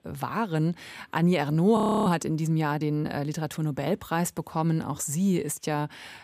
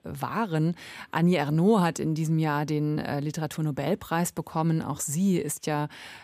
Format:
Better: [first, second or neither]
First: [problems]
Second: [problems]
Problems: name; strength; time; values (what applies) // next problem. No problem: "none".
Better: second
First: audio freezing; at 2 s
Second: none